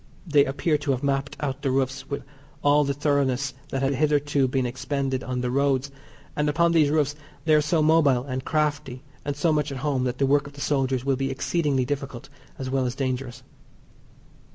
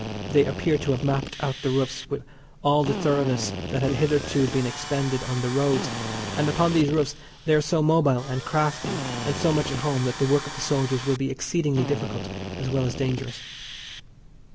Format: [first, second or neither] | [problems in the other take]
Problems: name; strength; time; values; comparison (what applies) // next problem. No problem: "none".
first | background sound (Drill + Tools); 9 dB below the speech